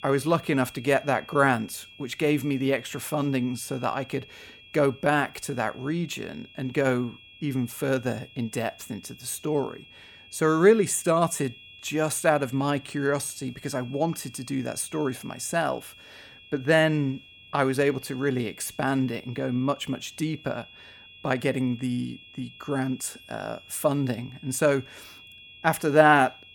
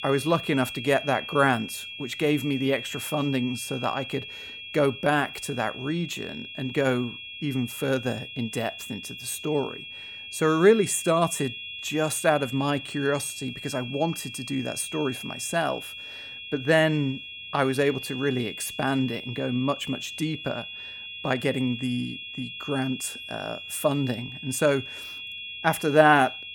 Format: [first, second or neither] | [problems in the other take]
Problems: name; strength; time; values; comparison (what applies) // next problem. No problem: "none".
first | high-pitched whine; loud; throughout; 3.5 kHz, 10 dB below the speech; faint in the first